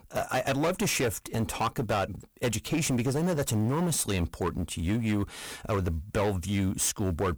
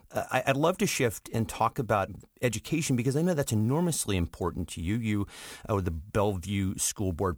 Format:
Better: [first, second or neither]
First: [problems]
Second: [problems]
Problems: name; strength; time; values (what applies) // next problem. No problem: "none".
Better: second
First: distortion; heavy; 15% of the sound clipped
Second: none